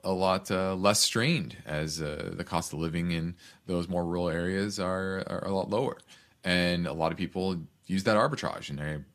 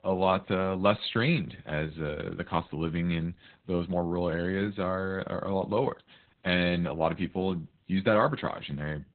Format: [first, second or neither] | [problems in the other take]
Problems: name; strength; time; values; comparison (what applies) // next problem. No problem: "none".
first | garbled, watery; badly; nothing above 4 kHz